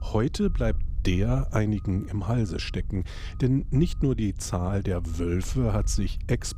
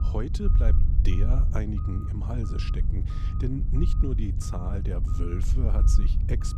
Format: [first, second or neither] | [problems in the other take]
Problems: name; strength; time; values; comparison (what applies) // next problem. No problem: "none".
first | low rumble; loud; throughout; 4 dB below the speech; faint in the first